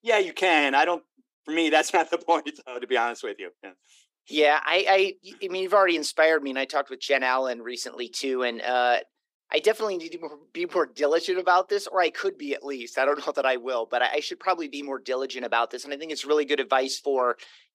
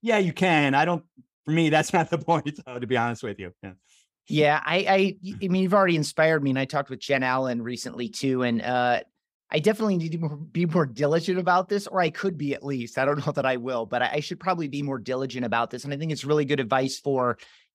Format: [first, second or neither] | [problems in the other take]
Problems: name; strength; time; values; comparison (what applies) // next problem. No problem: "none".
second | thin; somewhat; fading below 300 Hz